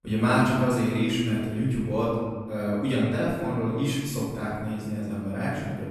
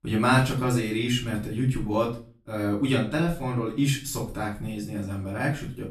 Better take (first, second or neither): second